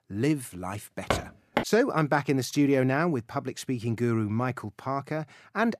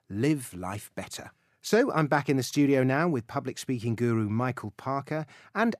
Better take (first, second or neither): second